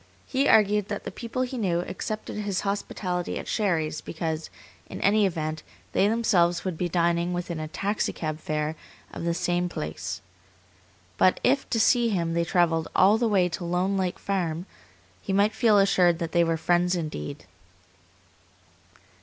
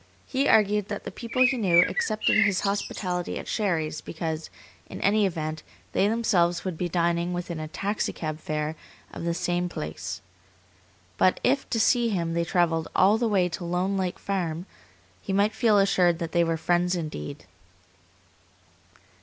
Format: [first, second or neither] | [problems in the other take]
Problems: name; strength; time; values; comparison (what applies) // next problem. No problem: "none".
first | background sound (Bird); 1 dB below the speech